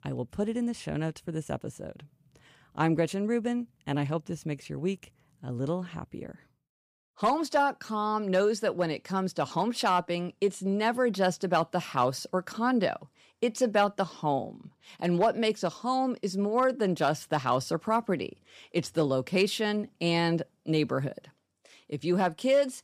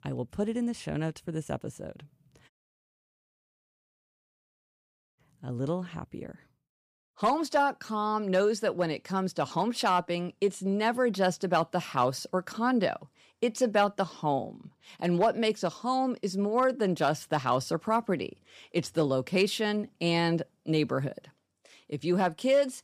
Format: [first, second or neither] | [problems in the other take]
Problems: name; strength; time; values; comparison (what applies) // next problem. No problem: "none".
first | audio cutting out; at 2.5 s for 2.5 s